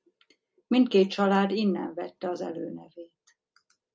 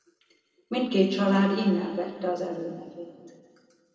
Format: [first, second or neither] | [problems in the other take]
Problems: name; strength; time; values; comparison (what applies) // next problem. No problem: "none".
first | room echo; dies away in 2.2 s